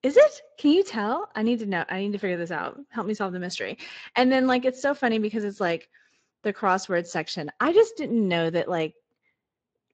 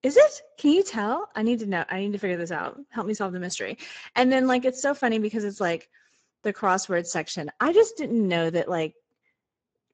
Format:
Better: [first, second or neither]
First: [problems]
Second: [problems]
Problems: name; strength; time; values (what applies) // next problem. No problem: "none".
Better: first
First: garbled, watery; slightly; nothing above 7.5 kHz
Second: garbled, watery; badly; nothing above 7.5 kHz